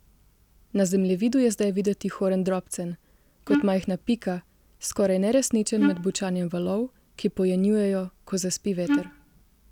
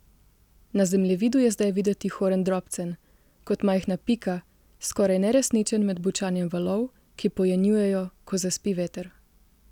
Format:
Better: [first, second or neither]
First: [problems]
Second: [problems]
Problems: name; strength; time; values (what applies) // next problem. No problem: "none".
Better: second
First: background sound (Wind instrument, woodwind instrument); 2 dB below the speech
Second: none